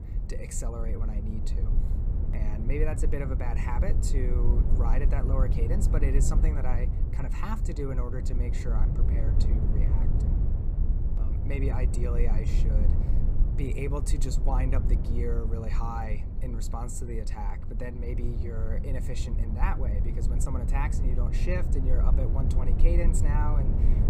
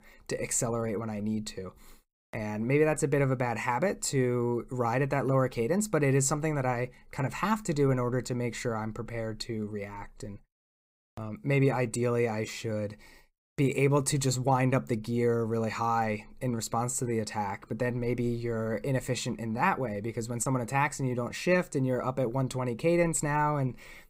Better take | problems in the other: second | low rumble; loud; throughout; 5 dB below the speech

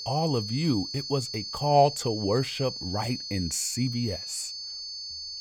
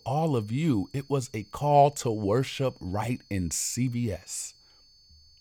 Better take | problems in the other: second | high-pitched whine; loud; throughout; 4.5 kHz, 6 dB below the speech; faint in the second

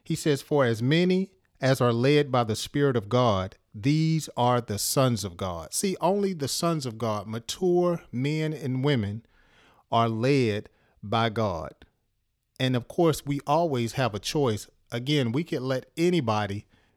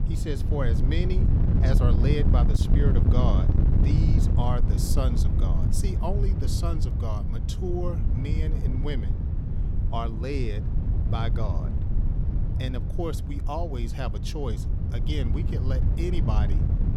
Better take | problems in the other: first | wind noise on the microphone; heavy; 3 dB below the speech

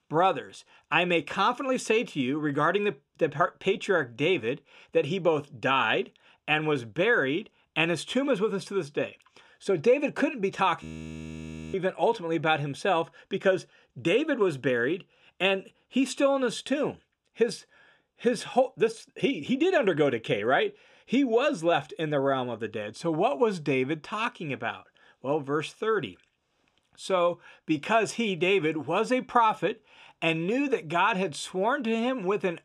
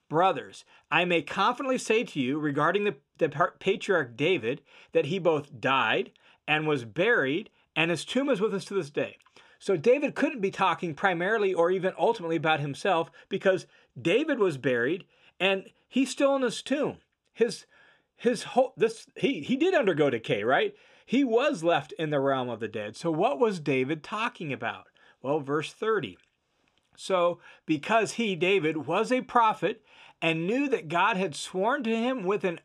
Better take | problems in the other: second | audio freezing; at 11 s for 1 s

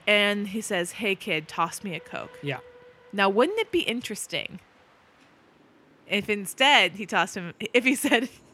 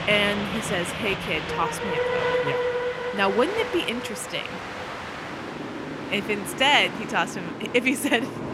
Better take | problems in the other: first | train or aircraft noise; loud; throughout; 5 dB below the speech; faint in the first

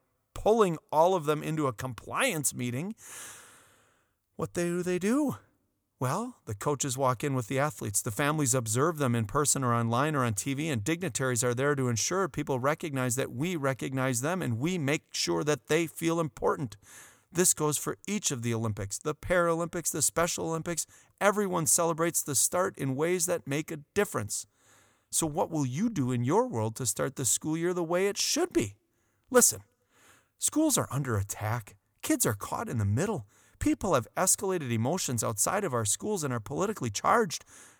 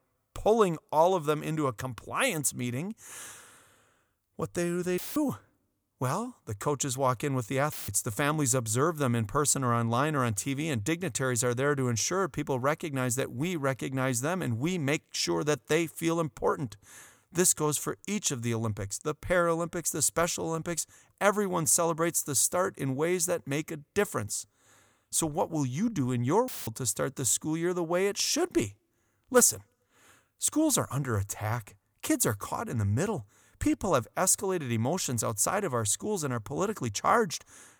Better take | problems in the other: first | audio cutting out; filled with static; at 5 s, at 7.5 s and at 26 s

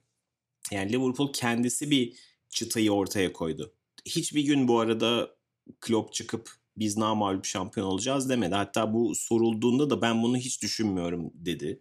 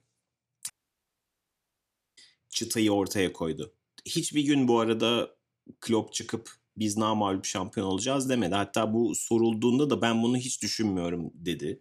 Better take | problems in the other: first | audio cutting out; at 0.5 s for 1.5 s

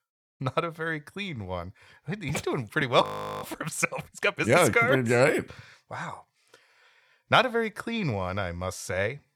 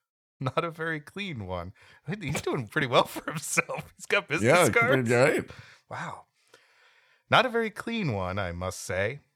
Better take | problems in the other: second | audio freezing; at 3 s

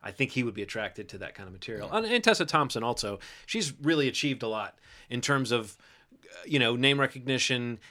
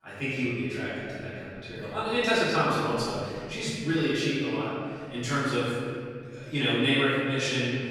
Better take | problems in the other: first | room echo; strong; dies away in 2.2 s // off-mic speech; far

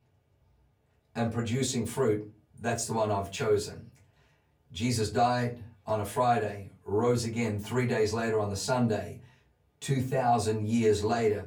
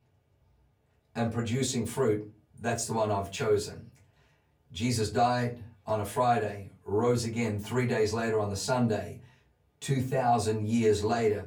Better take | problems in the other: neither | off-mic speech; far; the same in both // room echo; very slight; dies away in 0.2 s; the same in both

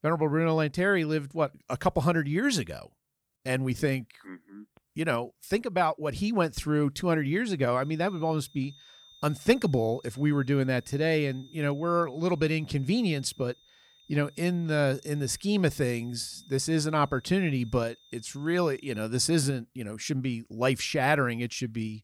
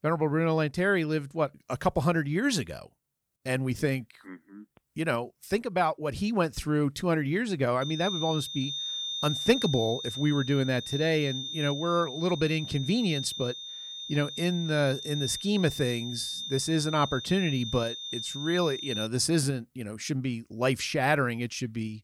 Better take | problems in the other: first | high-pitched whine; loud; from 8 to 19 s; 3.5 kHz, 6 dB below the speech; faint in the first

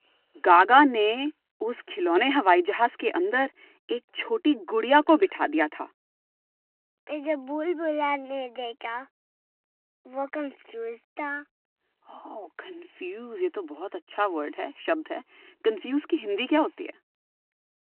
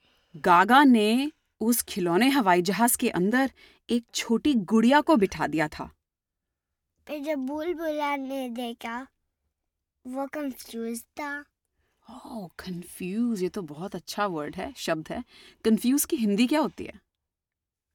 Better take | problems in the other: second | phone-call audio

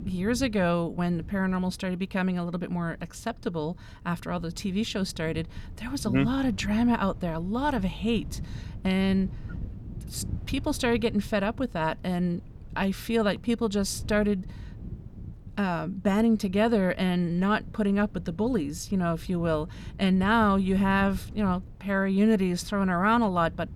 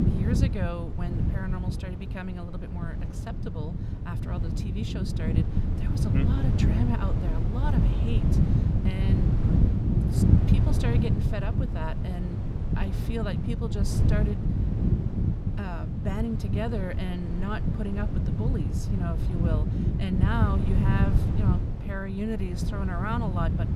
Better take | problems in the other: first | wind noise on the microphone; heavy; 1 dB below the speech; occasional gusts in the first

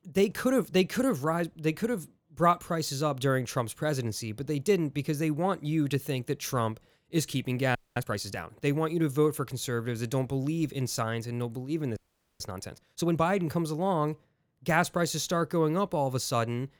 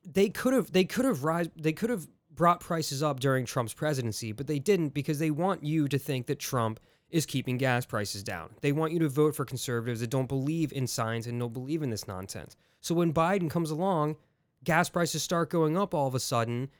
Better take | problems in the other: second | audio freezing; at 8 s and at 12 s

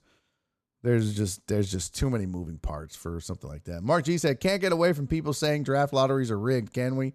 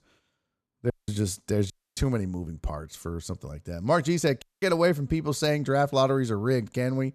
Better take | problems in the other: first | audio cutting out; at 1 s, at 1.5 s and at 4.5 s

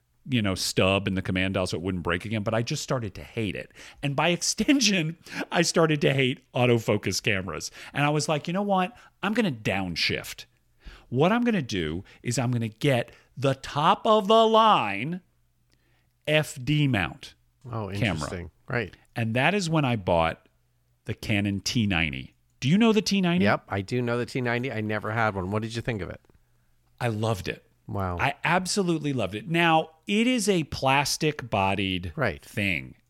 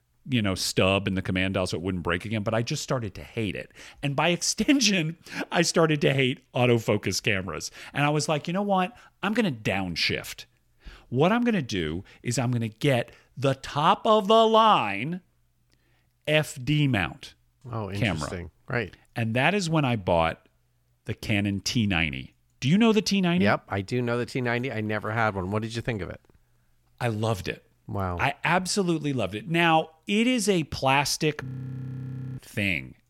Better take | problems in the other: first | audio freezing; at 31 s for 1 s

